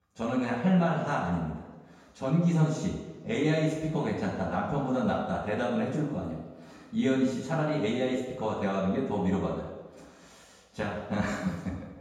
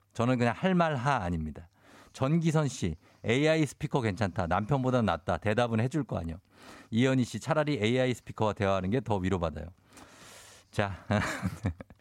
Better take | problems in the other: second | room echo; noticeable; dies away in 1.1 s // off-mic speech; far

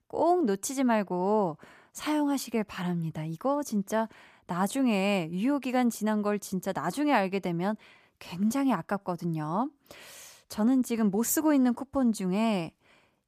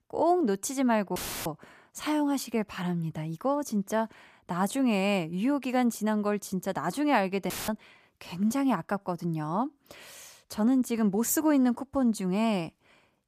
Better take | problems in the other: first | audio cutting out; filled with static; at 1 s and at 7.5 s

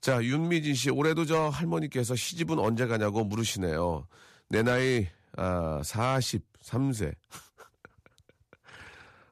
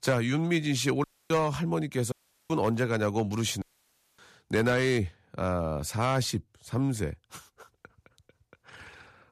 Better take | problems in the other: first | audio cutting out; at 1 s, at 2 s and at 3.5 s for 0.5 s

